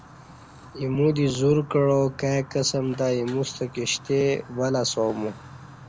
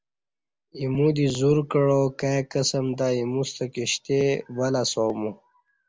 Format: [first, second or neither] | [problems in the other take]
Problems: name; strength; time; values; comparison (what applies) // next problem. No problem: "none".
second | background sound (Fire); 20 dB below the speech